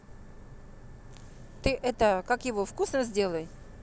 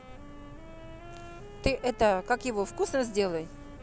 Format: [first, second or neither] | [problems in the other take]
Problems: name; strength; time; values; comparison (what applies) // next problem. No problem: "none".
first | background sound (Wind instrument, woodwind instrument); 18 dB below the speech